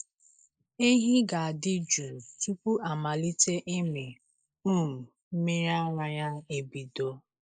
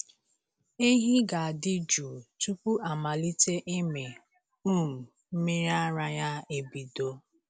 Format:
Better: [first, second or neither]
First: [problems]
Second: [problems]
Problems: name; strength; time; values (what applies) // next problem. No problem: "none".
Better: second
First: noise reduction (neural mask model Resemble Enhance denoiser)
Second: none